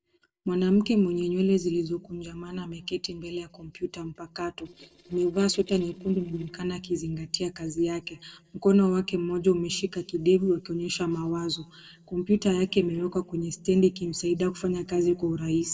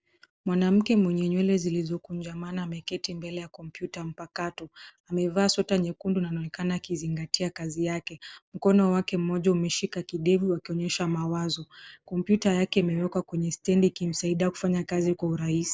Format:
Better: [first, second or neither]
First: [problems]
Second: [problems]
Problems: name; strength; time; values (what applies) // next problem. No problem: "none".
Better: second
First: noise reduction (neural separator model SepFormer DNS4)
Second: none